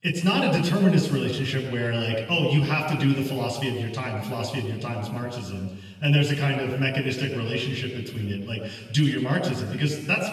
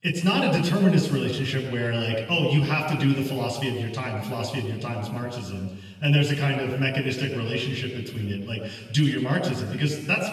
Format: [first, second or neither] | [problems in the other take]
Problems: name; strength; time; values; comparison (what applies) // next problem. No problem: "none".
neither | room echo; noticeable; dies away in 1.2 s; the same in both // off-mic speech; far; the same in both